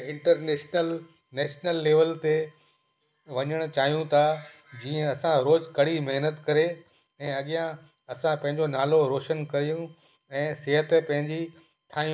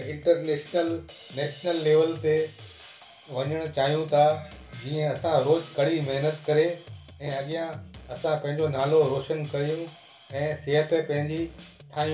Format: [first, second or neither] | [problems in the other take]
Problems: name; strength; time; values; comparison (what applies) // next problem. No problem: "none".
first | background sound (Drum kit); 19 dB below the speech // room echo; dies away in 0.3 s